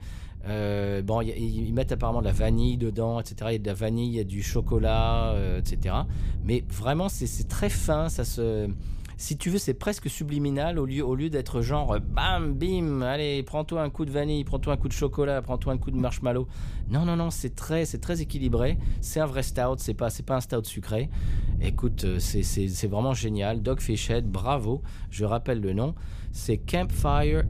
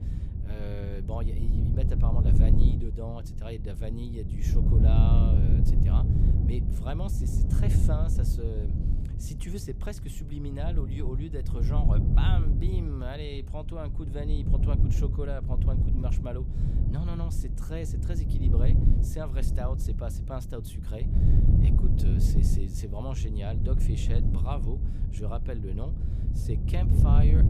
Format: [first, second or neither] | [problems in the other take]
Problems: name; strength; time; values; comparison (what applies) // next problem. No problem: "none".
first | wind noise on the microphone; heavy; as loud as the speech; occasional gusts in the first